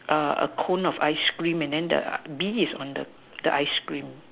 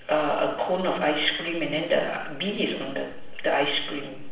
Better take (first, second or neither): first